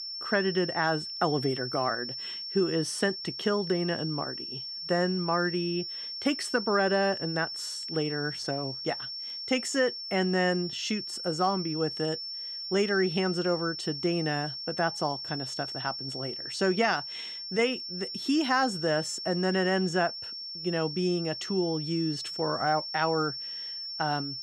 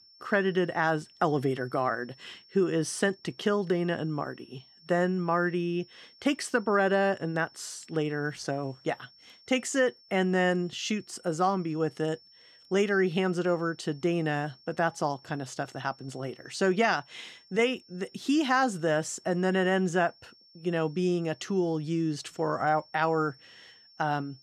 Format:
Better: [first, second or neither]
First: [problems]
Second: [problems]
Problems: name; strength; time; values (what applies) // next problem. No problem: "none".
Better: second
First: high-pitched whine; loud; throughout; 5.5 kHz, 5 dB below the speech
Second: high-pitched whine; faint; throughout; 5.5 kHz, 25 dB below the speech